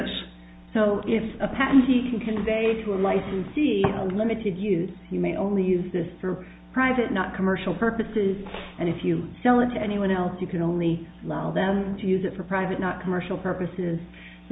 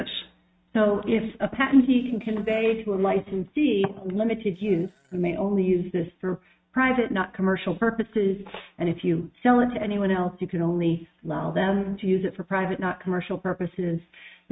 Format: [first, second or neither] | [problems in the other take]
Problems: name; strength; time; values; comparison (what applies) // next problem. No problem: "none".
first | noise reduction (neural mask model RNNoise)